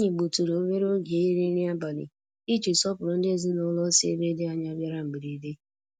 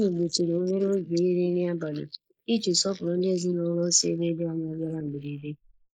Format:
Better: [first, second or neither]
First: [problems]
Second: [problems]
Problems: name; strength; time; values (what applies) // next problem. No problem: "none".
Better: first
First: none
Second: noise reduction (neural mask model Resemble Enhance denoiser)